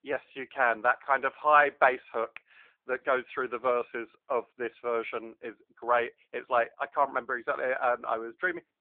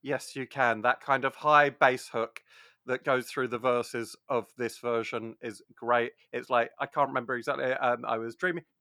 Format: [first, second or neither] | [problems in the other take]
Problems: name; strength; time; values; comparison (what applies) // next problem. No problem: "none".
second | phone-call audio